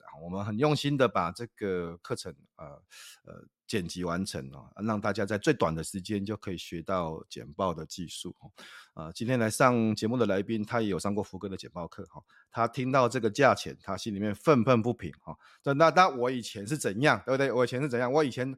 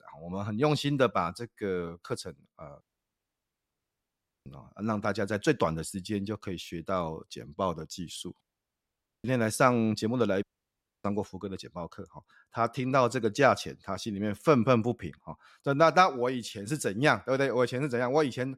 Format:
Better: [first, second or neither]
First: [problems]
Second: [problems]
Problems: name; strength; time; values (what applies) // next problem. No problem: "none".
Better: first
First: none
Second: audio cutting out; at 3 s for 1.5 s, at 8.5 s for 1 s and at 10 s for 0.5 s